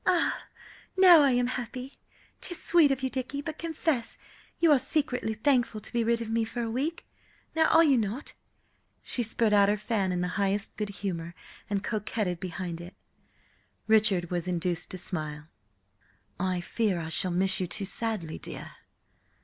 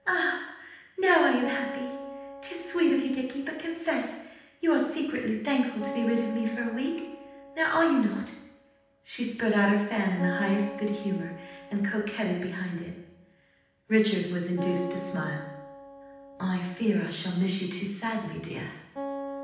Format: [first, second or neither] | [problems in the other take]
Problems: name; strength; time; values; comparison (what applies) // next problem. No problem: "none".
first | background sound (Acoustic guitar); 13 dB below the speech // room echo; dies away in 0.9 s